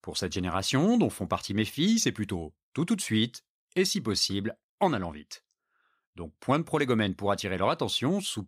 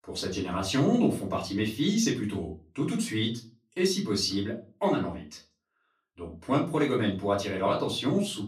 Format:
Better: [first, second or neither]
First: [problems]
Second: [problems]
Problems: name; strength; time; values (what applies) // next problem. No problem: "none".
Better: first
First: none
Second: off-mic speech; far // room echo; slight; dies away in 0.3 s